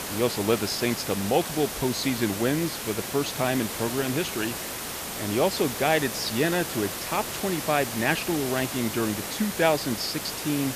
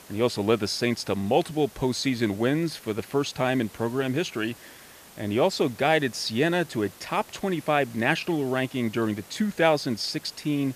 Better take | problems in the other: second | hiss; loud; throughout; 5 dB below the speech; faint in the second

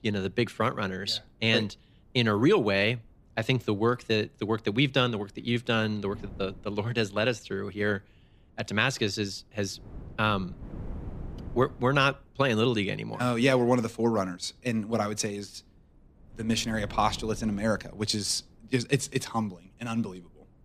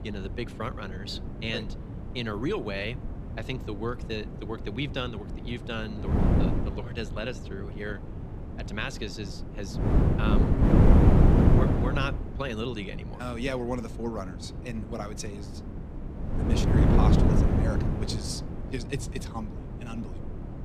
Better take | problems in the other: first | wind noise on the microphone; heavy; 4 dB above the speech; occasional gusts in the first

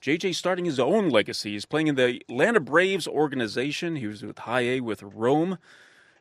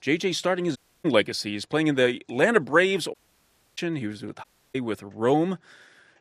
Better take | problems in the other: first | audio cutting out; at 1 s, at 3 s for 0.5 s and at 4.5 s

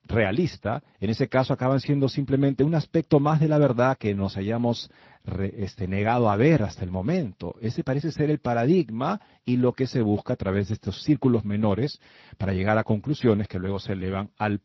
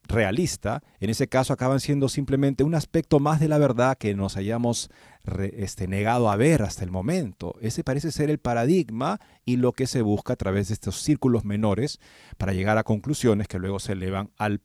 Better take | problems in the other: second | garbled, watery; slightly

